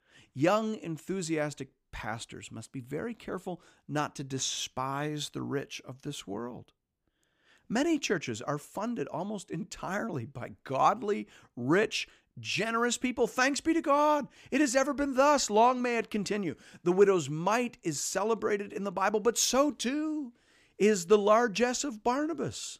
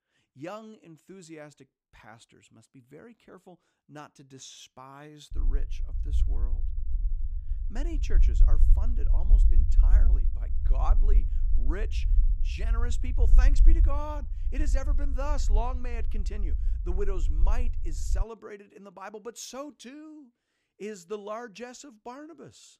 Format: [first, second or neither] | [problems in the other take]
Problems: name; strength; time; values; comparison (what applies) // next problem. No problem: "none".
first | low rumble; noticeable; from 5.5 to 18 s; 10 dB below the speech